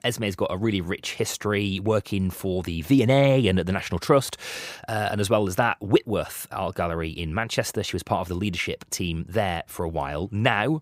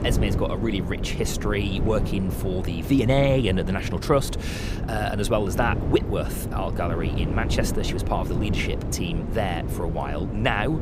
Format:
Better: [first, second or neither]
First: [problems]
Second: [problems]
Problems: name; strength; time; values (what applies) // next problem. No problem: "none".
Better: first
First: none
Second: wind noise on the microphone; heavy; 9 dB below the speech